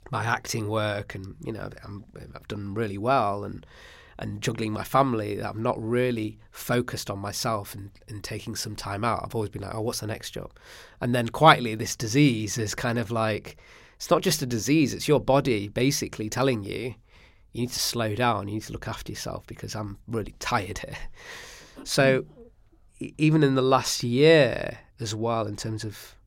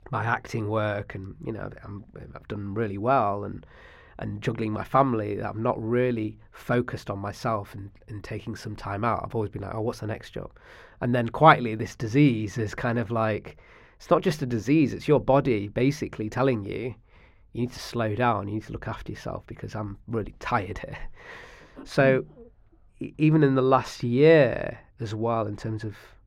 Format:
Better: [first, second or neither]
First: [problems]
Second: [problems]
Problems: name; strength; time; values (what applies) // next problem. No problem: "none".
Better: first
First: none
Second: muffled; slightly; fading above 3.5 kHz